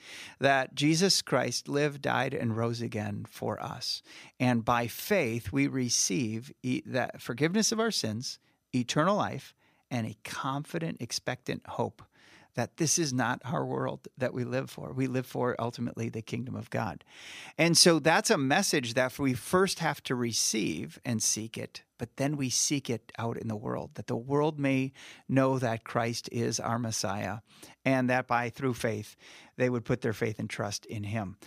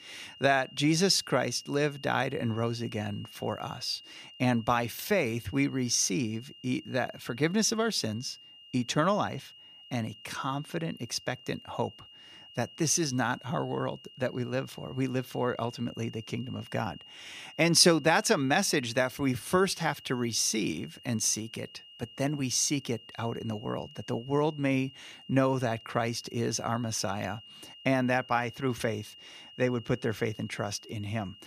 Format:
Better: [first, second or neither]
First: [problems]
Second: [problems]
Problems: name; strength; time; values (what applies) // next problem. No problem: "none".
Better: first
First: none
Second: high-pitched whine; noticeable; throughout; 3 kHz, 20 dB below the speech